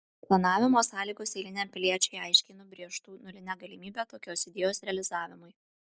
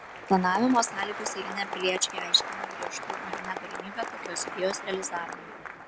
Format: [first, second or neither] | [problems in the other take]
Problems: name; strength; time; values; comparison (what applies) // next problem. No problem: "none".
first | background sound (Applause); 7 dB below the speech